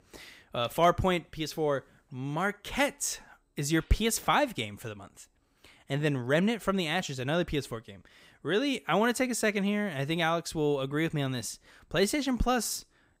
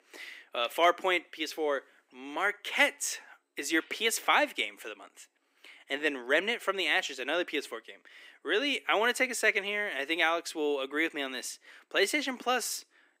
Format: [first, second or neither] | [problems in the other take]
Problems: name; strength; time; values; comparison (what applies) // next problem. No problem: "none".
first | thin; somewhat; fading below 300 Hz